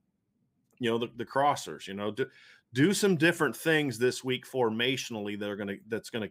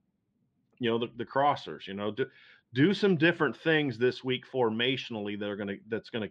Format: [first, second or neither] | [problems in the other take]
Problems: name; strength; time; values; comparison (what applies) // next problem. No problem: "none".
first | muffled; slightly; fading above 4 kHz